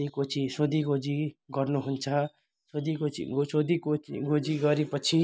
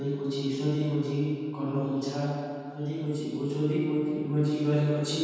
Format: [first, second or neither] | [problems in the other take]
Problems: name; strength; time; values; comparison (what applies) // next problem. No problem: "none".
first | room echo; dies away in 2.1 s